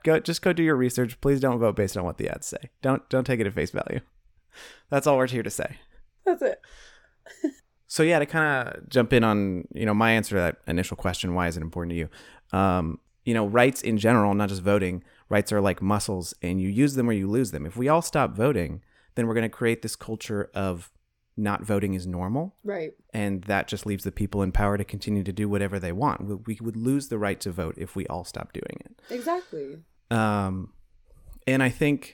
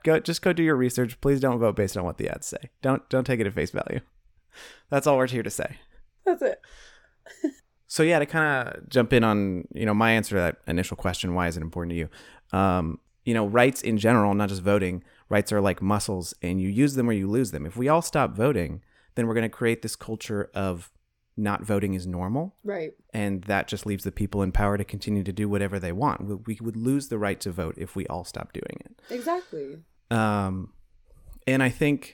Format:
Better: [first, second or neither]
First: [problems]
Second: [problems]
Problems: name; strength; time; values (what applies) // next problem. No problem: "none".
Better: neither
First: none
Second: none